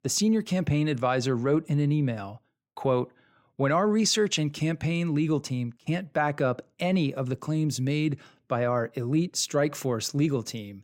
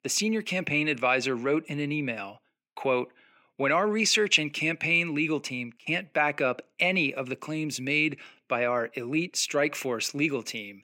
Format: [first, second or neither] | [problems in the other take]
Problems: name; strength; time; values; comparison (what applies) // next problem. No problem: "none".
first | thin; very slightly; fading below 250 Hz